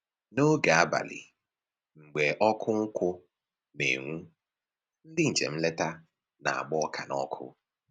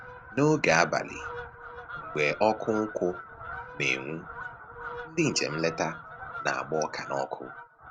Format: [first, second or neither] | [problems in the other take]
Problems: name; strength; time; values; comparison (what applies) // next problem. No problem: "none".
first | background sound (Fowl); 12 dB below the speech